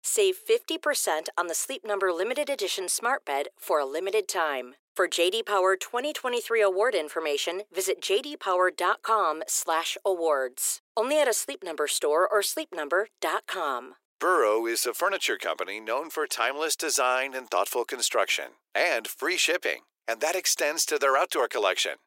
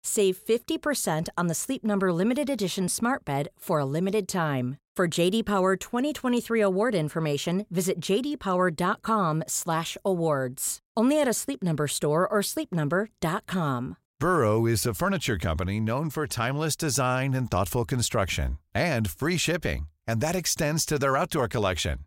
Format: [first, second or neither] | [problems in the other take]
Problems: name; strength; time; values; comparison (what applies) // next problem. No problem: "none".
second | thin; very; fading below 350 Hz